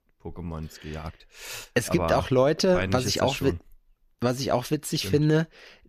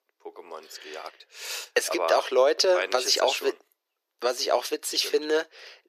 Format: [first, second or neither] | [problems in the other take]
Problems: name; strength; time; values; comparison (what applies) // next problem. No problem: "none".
first | thin; very; fading below 400 Hz